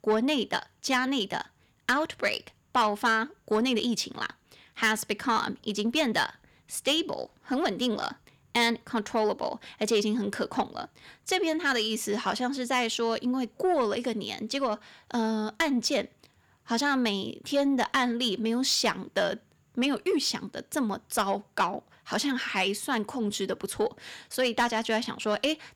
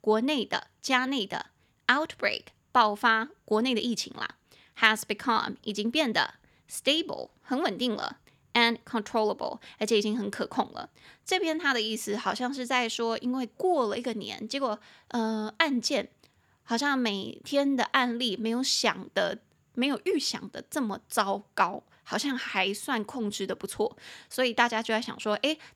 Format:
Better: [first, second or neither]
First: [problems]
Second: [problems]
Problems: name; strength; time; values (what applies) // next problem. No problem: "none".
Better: second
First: distortion; slight; 10 dB below the speech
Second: none